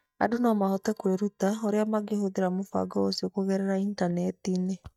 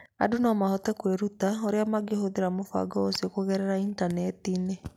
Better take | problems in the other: second | noise reduction (neural mask model DeepFilterNet 3)

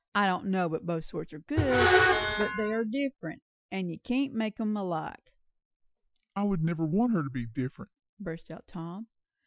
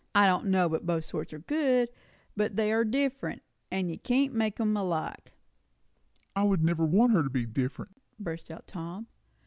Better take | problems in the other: second | noise reduction (classical method Wiener filter)

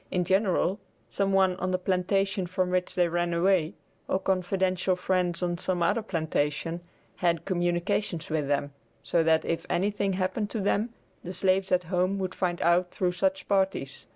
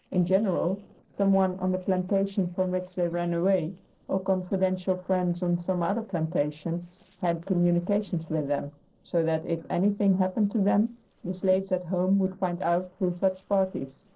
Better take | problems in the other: first | noise reduction (neural separator model SepFormer DNS4)

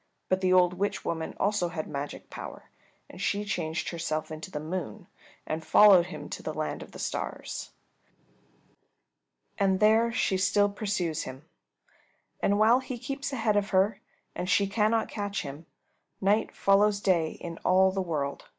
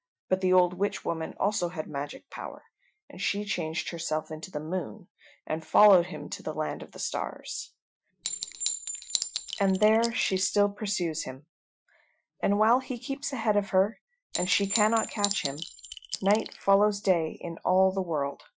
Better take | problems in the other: first | noise reduction (classical method Wiener filter)

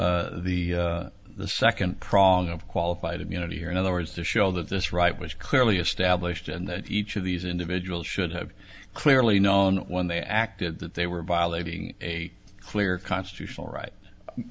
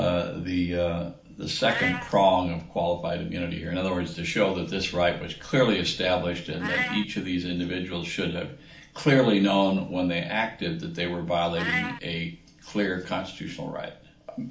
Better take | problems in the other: first | background sound (Meow); 13 dB below the speech // room echo; dies away in 0.4 s

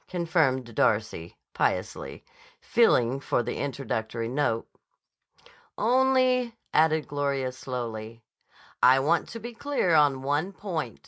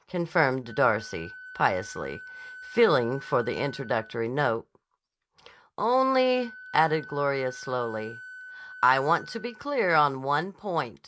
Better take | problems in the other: first | background sound (Wind instrument, woodwind instrument); 18 dB below the speech

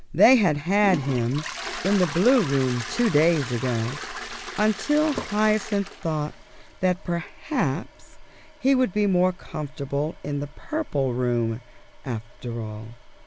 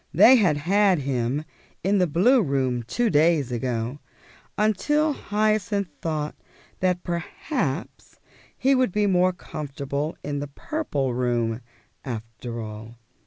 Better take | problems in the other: second | background sound (Toilet flush); 13 dB below the speech

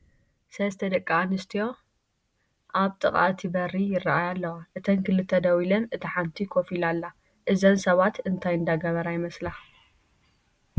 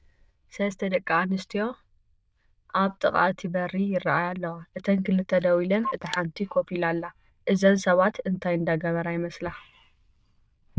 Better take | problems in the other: first | noise reduction (neural diffusion model UNIVERSE++)

